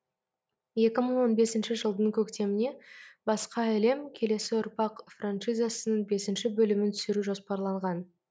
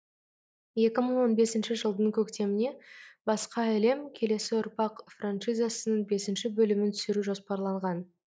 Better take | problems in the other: first | noise reduction (neural mask model DeepFilterNet 3)

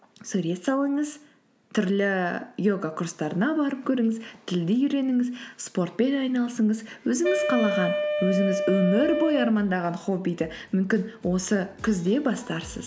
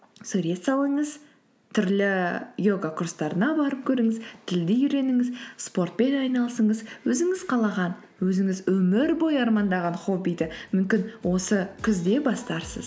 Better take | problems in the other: second | background sound (Wind instrument, woodwind instrument); 2 dB below the speech

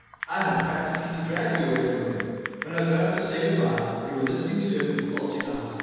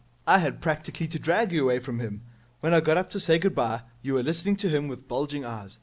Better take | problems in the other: second | background sound (Typing); 12 dB below the speech // room echo; dies away in 2.1 s

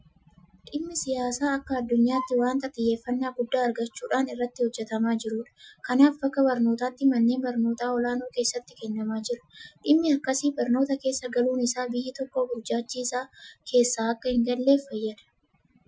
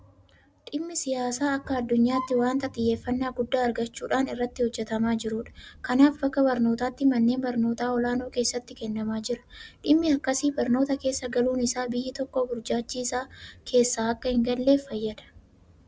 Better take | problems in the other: second | noise reduction (classical method Wiener filter)

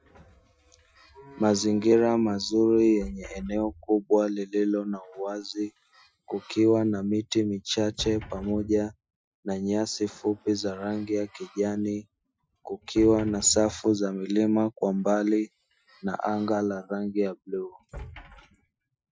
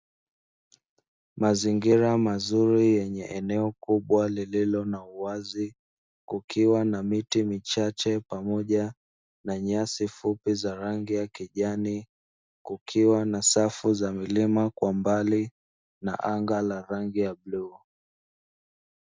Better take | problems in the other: second | noise reduction (classical method Wiener filter)

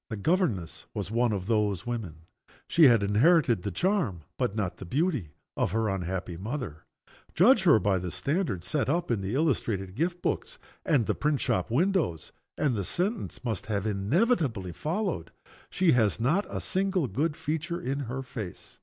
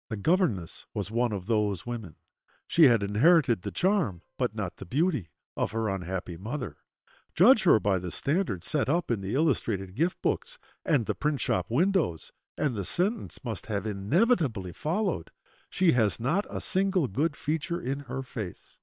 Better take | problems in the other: first | noise reduction (neural separator model SepFormer WHAM!)

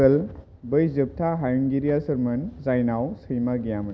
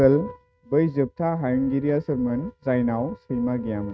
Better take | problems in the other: first | noise reduction (neural mask model RNNoise)

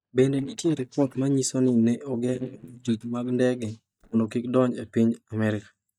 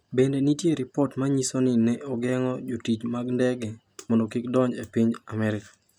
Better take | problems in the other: second | noise reduction (neural mask model DeepFilterNet 3)

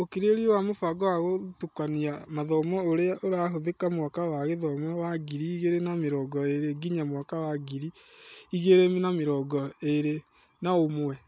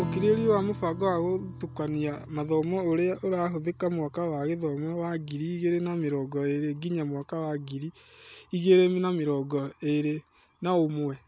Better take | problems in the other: first | background sound (Strum); 15 dB below the speech

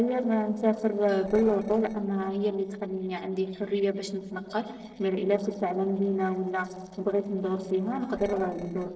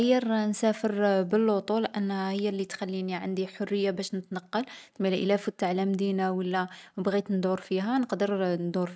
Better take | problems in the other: second | noise reduction (neural separator model SepFormer DNS4)

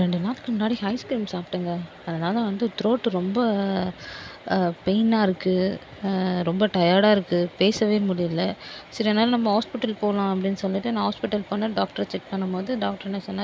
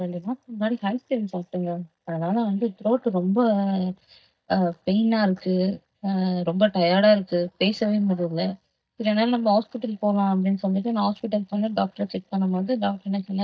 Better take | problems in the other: first | noise reduction (neural mask model DeepFilterNet 3)

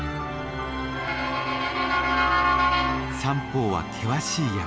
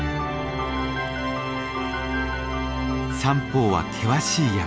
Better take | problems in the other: second | background sound (Motor vehicle (road) / Siren); 1 dB above the speech

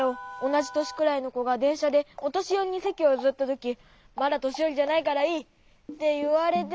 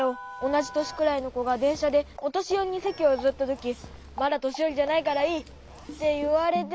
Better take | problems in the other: first | background sound (Zipper (clothing) / Telephone); 20 dB below the speech

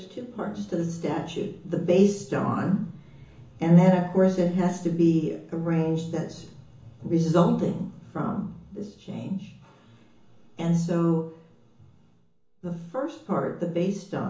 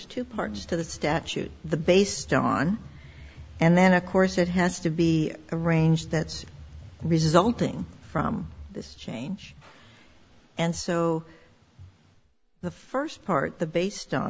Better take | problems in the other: second | room echo; dies away in 0.8 s

